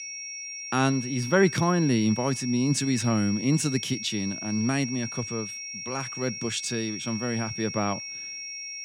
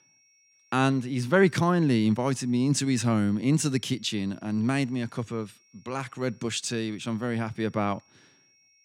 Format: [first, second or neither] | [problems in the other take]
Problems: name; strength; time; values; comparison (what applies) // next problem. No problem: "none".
second | high-pitched whine; loud; throughout; 5.5 kHz, 7 dB below the speech; faint in the second